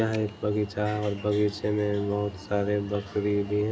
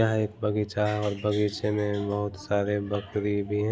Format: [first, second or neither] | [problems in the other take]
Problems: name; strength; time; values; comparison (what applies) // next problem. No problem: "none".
second | background sound (Alarm); 19 dB below the speech // room echo; dies away in 0.3 s